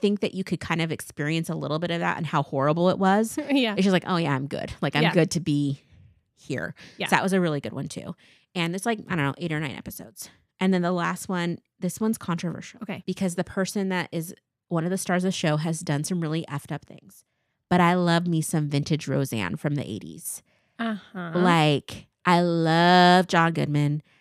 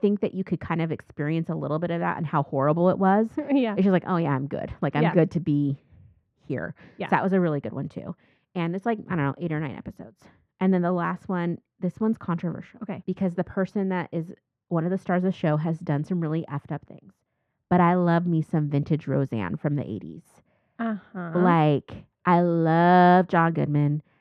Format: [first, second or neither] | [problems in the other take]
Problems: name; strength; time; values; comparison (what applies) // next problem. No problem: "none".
first | muffled; very; fading above 3.5 kHz